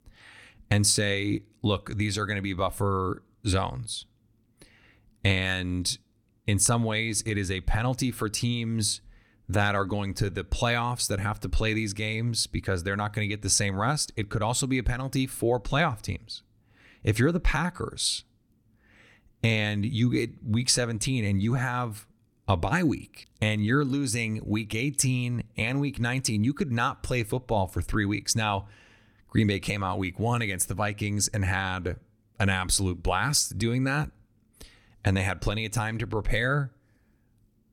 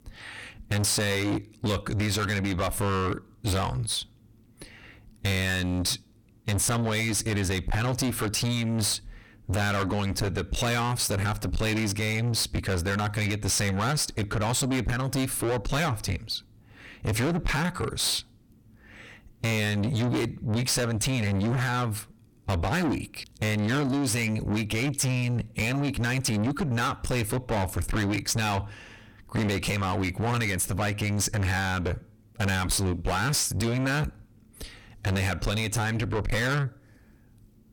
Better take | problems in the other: first | distortion; heavy; 6 dB below the speech

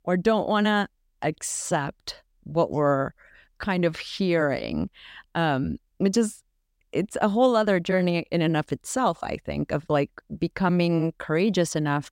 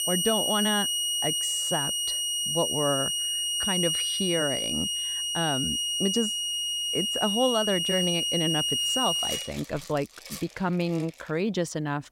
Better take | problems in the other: first | background music; very loud; throughout; 4 dB above the speech

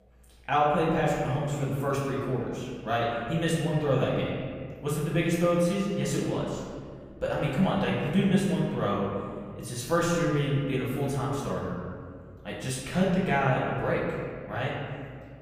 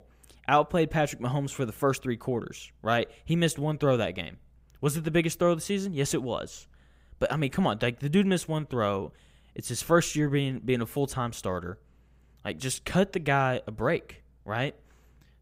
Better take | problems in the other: second | off-mic speech; far // room echo; noticeable; dies away in 1.9 s

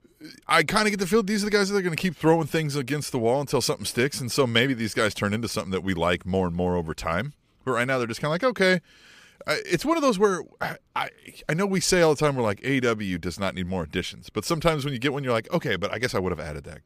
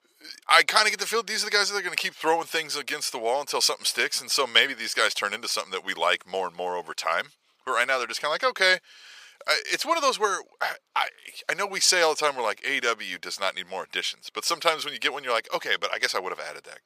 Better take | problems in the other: first | thin; very; fading below 750 Hz

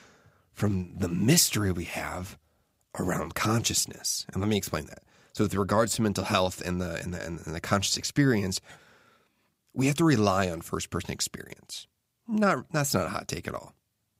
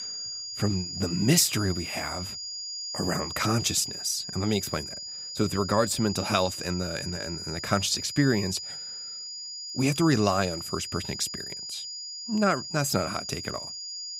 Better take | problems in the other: first | high-pitched whine; loud; throughout; 5 kHz, 7 dB below the speech

